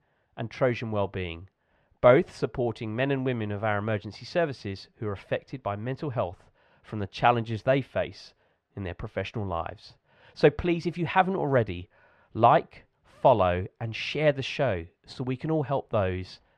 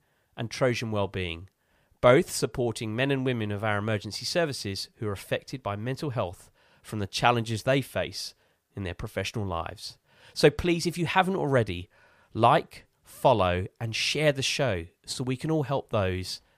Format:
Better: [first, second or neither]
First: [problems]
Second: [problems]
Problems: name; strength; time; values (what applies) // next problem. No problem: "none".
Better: second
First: muffled; slightly; fading above 2.5 kHz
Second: none